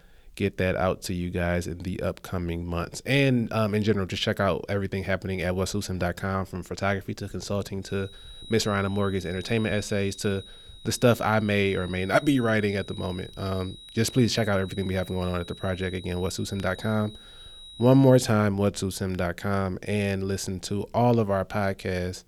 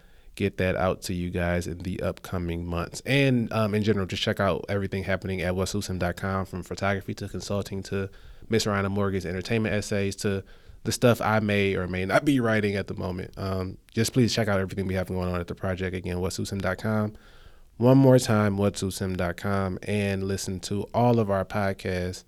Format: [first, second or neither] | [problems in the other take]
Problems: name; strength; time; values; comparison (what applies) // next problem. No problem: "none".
second | high-pitched whine; noticeable; from 8 to 18 s; 4 kHz, 20 dB below the speech